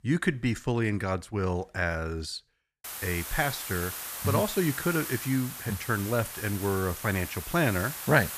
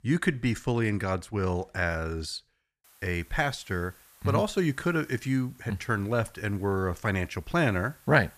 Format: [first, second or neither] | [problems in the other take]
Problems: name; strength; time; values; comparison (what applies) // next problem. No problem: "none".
second | hiss; loud; from 3 s on; 7 dB below the speech; faint in the second